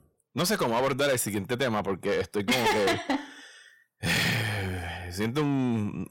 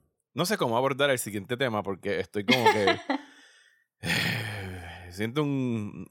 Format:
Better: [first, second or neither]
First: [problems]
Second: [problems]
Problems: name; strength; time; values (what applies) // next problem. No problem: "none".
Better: second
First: distortion; heavy; 6 dB below the speech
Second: none